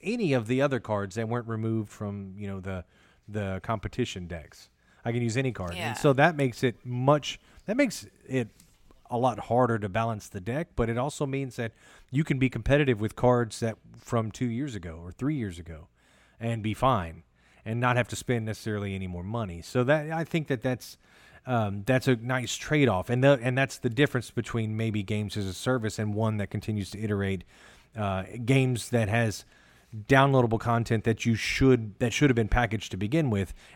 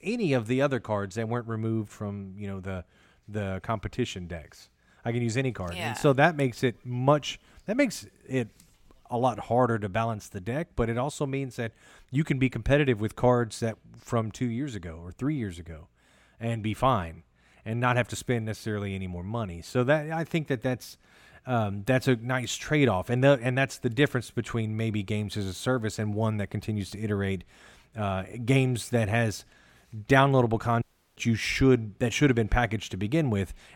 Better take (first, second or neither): first